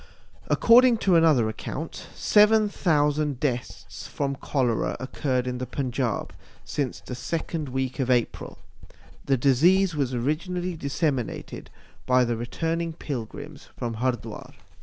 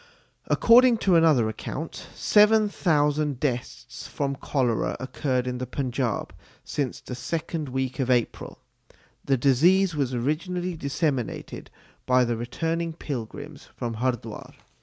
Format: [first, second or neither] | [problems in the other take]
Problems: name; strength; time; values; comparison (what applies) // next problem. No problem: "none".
second | background sound (Writing); 14 dB below the speech